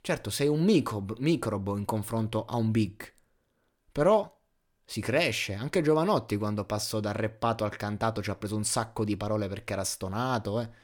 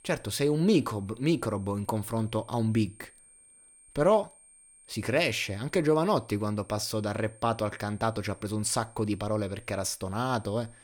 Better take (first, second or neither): first